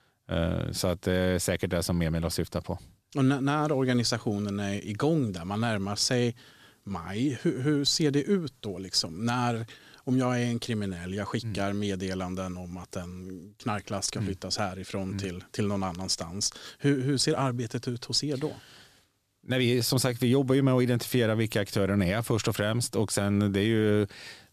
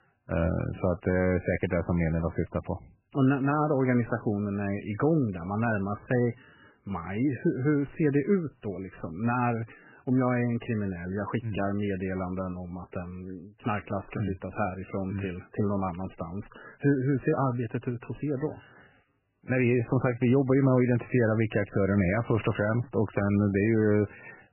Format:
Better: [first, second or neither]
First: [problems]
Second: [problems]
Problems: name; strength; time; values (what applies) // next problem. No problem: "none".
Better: first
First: none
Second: garbled, watery; badly; nothing above 3 kHz